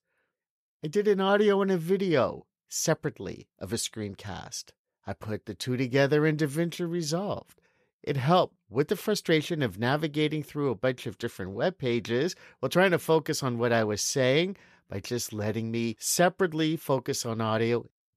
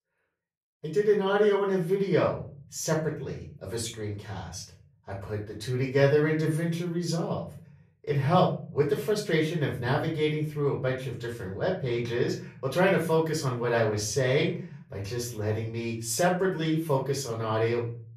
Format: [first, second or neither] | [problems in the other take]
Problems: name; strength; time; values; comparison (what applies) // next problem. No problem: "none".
first | off-mic speech; far // room echo; slight; dies away in 0.5 s